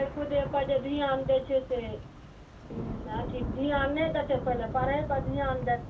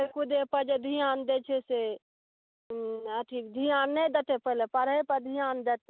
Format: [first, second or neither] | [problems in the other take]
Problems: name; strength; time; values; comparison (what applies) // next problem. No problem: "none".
second | background sound (Thunder / Rain); 7 dB below the speech // room echo; dies away in 0.2 s